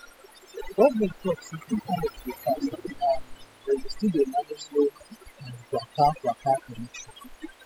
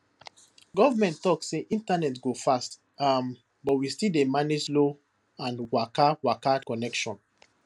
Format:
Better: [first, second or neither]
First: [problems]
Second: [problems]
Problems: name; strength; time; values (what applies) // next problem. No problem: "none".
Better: second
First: noise reduction (classical method spectral subtraction)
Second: none